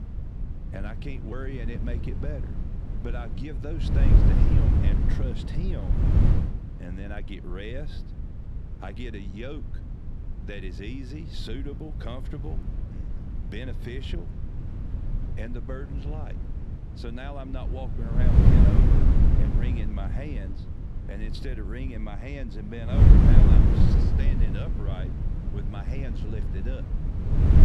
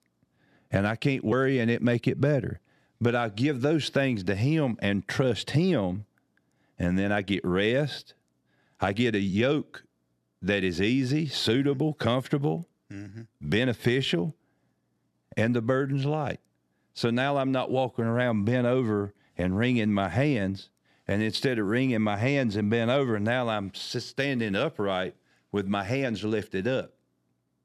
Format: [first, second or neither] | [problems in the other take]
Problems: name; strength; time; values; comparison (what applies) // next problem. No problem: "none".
second | wind noise on the microphone; heavy; 3 dB above the speech